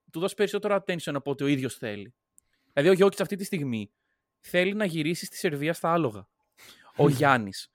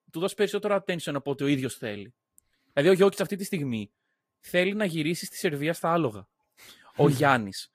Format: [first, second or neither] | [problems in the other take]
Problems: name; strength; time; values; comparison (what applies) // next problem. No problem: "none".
first | garbled, watery; slightly; nothing above 14.5 kHz